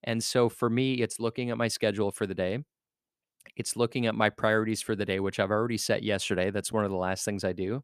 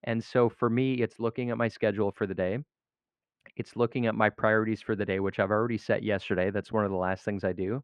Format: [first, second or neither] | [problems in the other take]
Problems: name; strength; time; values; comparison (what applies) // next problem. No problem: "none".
first | muffled; very; fading above 2 kHz